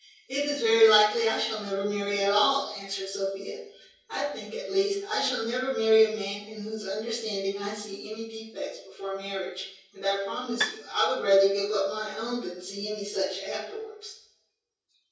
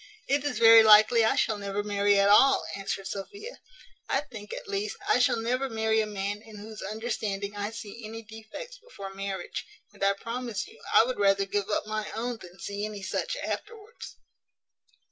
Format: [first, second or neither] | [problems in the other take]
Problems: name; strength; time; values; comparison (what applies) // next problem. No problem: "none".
second | background sound (Bowed string instrument); 7 dB below the speech // room echo; dies away in 0.6 s